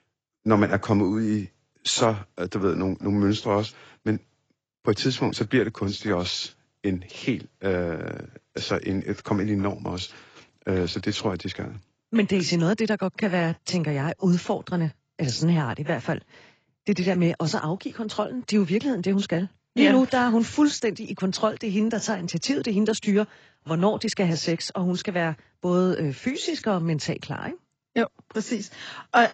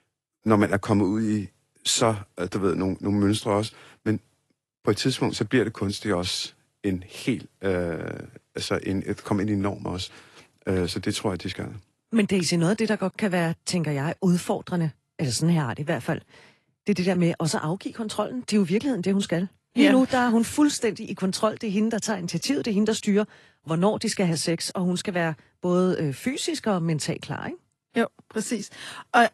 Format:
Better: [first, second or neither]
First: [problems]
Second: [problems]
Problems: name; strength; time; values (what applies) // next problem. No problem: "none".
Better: second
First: garbled, watery; badly; nothing above 7.5 kHz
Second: garbled, watery; slightly; nothing above 11.5 kHz